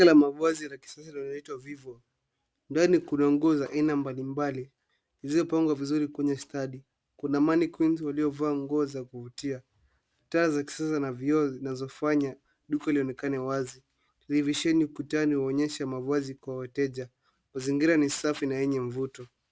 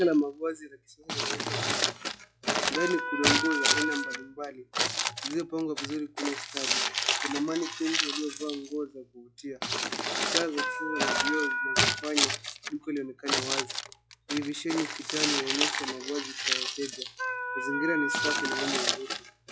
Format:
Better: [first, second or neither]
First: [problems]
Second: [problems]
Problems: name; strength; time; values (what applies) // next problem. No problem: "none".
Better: first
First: none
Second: noise reduction (classical method log-MMSE)